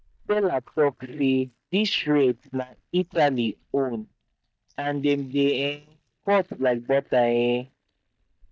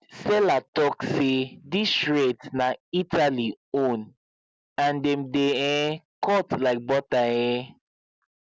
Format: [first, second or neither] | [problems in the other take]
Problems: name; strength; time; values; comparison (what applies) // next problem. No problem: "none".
second | noise reduction (neural mask model DeepFilterNet 3)